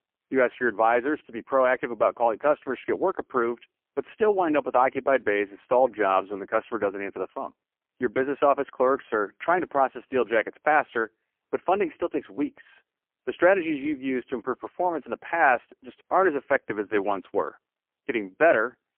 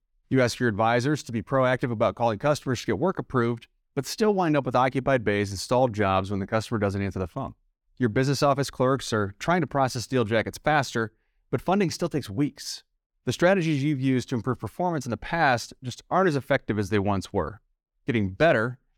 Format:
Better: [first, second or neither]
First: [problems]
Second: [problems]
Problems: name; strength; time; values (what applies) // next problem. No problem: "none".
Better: second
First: phone-call audio; poor line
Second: none